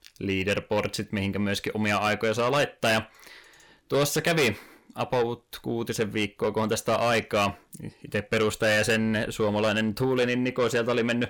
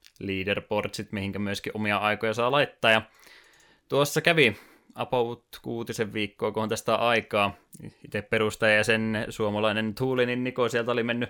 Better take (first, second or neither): second